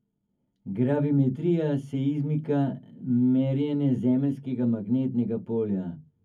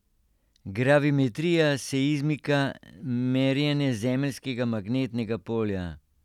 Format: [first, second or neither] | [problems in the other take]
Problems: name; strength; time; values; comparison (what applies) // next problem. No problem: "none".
second | room echo; dies away in 0.3 s